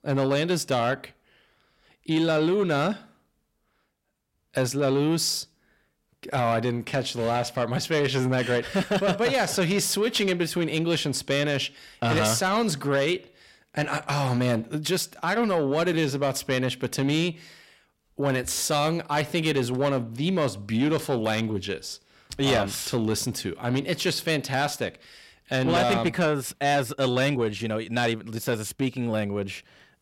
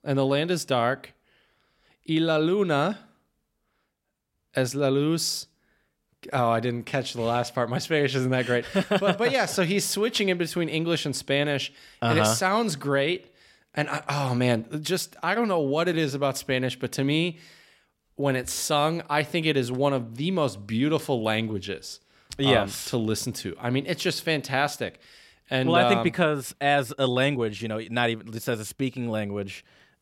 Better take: second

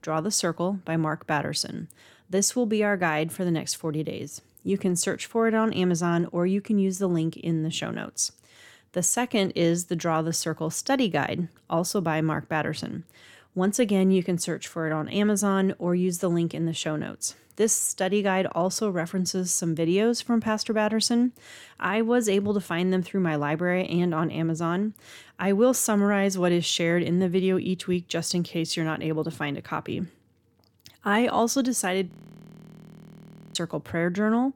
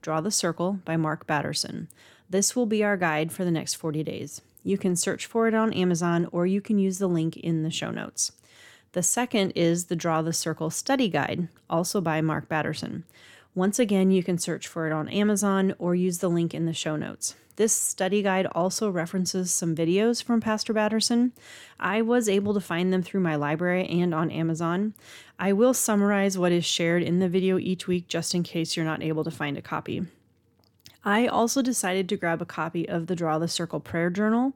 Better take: second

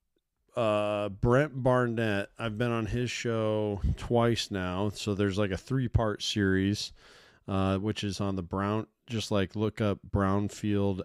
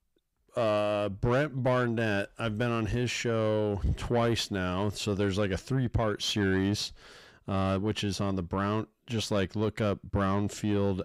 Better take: first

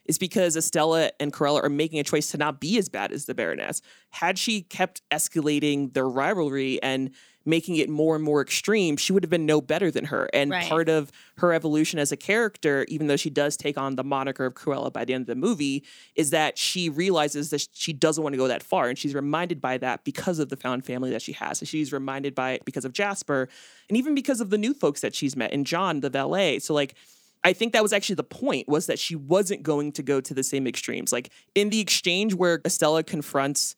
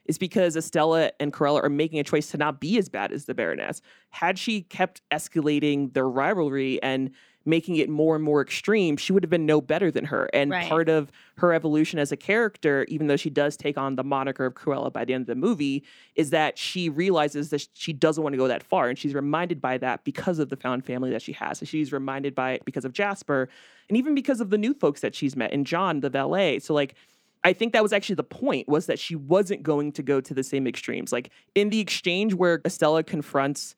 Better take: first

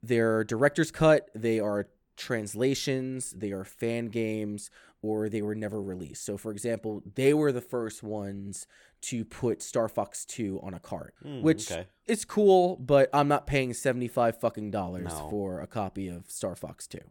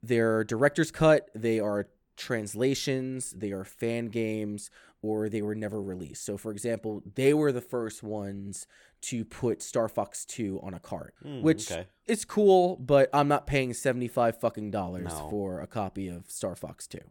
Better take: neither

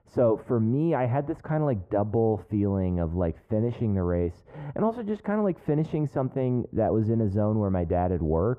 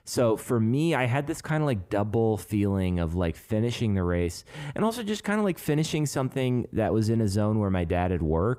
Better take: second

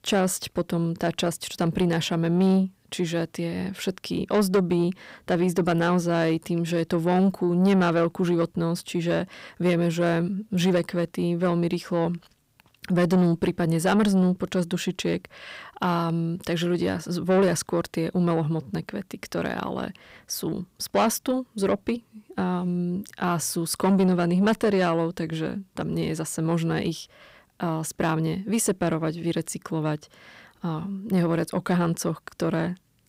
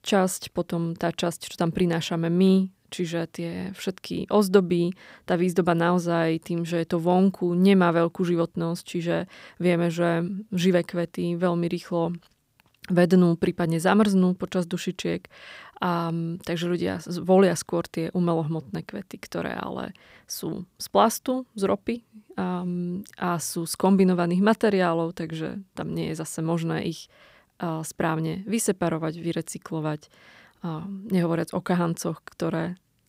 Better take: second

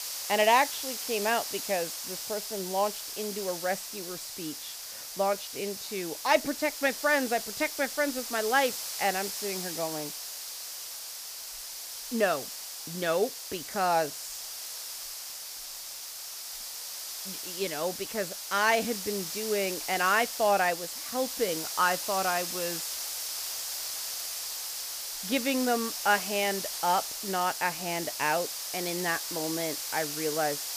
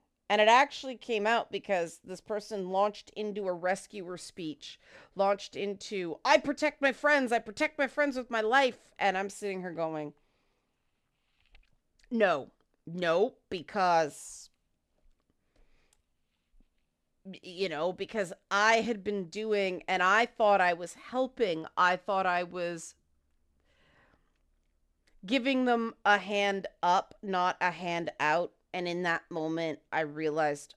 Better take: second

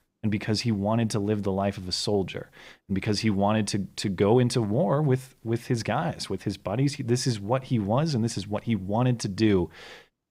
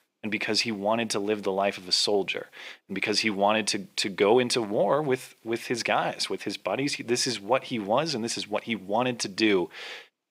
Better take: first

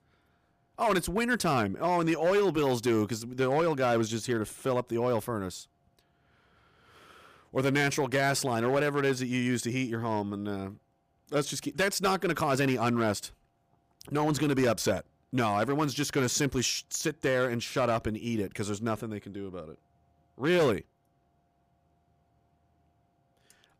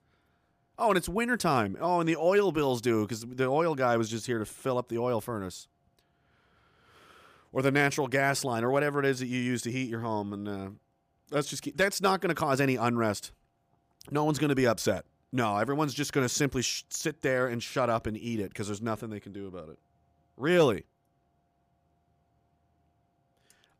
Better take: second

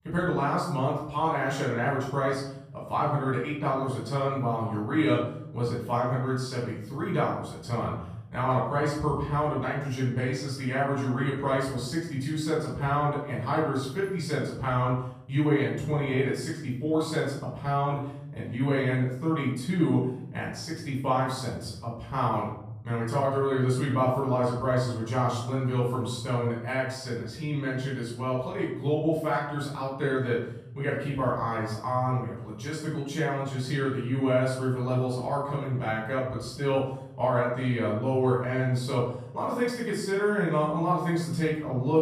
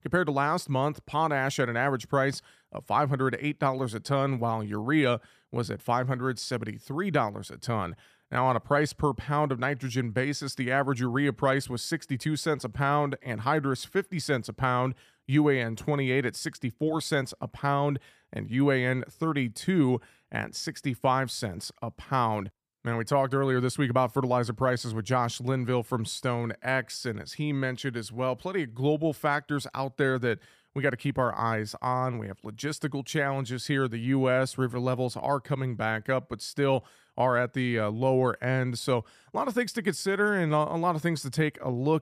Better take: second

